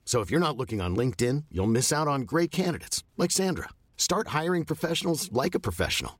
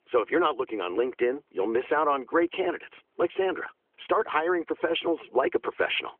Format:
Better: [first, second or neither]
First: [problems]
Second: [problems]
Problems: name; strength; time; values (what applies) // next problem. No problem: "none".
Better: first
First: none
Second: phone-call audio; nothing above 3.5 kHz